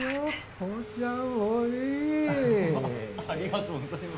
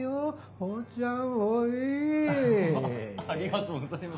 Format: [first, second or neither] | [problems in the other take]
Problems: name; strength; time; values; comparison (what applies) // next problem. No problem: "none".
second | background sound (Telephone); 12 dB below the speech